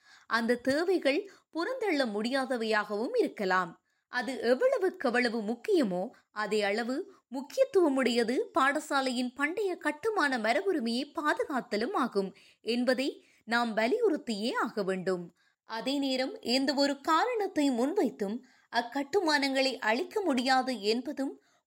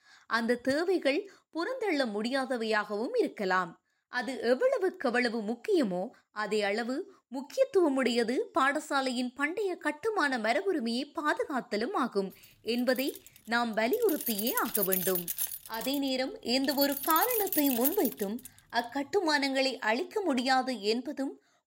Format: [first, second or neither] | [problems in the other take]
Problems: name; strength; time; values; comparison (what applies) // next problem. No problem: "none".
first | jangling keys; loud; from 13 to 18 s; peak 2 dB above the speech